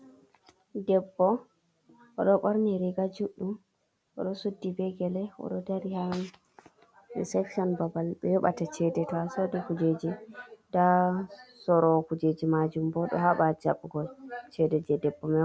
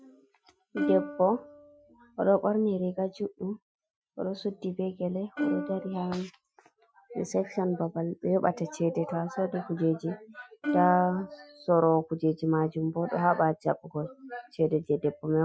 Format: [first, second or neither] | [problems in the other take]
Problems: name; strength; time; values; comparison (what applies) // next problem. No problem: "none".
first | noise reduction (classical method Wiener filter)